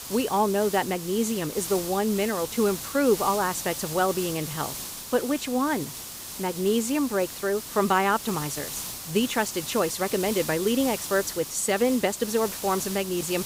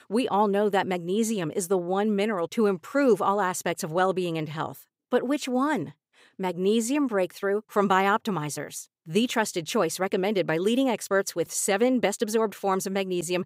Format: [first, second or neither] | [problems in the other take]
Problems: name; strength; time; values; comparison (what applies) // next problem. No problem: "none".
second | hiss; loud; throughout; 8 dB below the speech